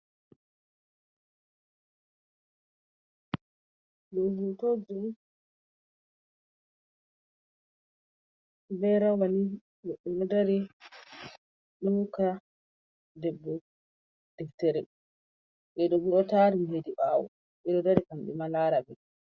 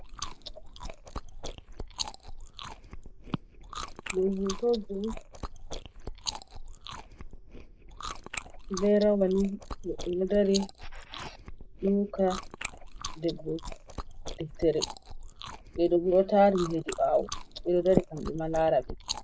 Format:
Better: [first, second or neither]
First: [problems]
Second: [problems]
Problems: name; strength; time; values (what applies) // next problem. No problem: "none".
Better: first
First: none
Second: noise reduction (neural mask model Resemble Enhance denoiser)